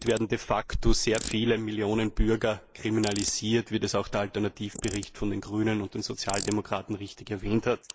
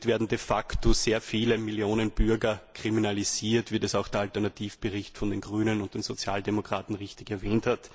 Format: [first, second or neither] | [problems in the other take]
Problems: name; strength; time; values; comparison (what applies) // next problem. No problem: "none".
second | noise reduction (neural mask model Resemble Enhance denoiser)